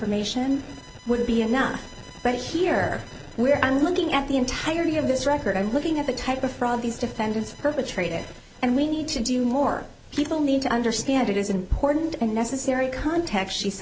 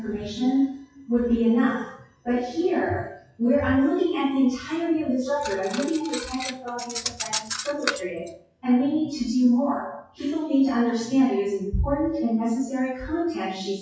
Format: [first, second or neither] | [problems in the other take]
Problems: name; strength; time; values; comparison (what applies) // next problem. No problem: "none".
first | noise reduction (classical method WPE with log-MMSE)